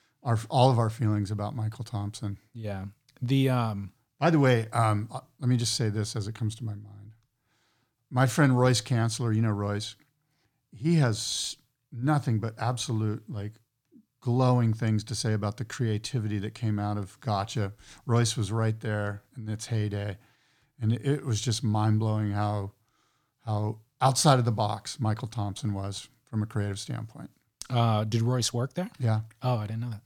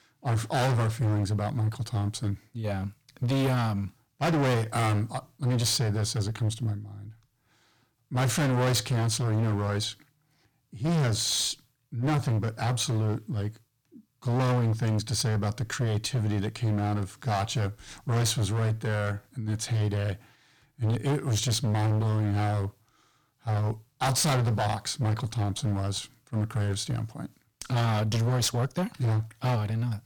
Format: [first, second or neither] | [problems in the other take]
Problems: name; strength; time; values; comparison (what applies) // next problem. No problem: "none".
first | distortion; heavy; 18% of the sound clipped